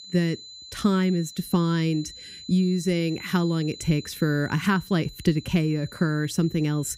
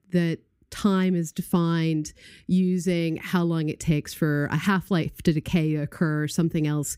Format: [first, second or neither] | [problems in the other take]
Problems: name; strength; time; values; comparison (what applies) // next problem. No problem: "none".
second | high-pitched whine; noticeable; throughout; 4 kHz, 15 dB below the speech